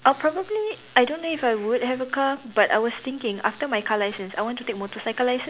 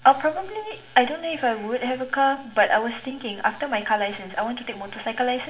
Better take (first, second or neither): first